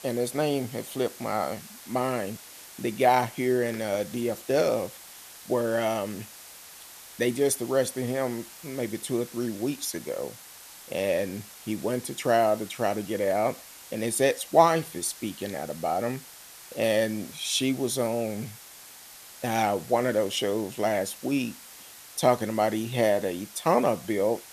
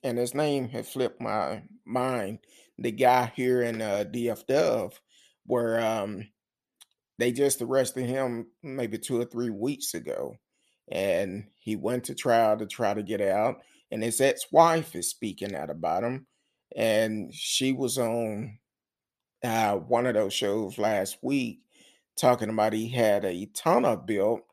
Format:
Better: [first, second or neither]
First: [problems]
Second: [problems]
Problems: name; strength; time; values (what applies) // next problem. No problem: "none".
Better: second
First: hiss; noticeable; throughout; 15 dB below the speech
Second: none